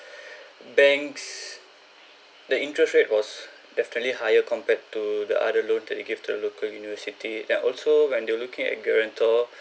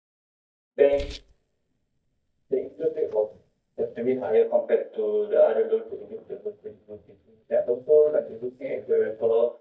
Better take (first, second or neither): first